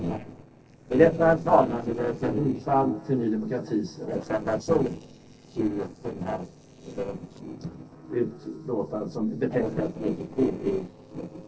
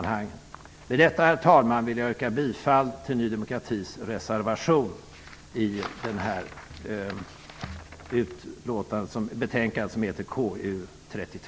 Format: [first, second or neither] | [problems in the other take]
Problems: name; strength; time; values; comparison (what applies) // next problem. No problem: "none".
second | noise reduction (neural separator model SepFormer DNS4)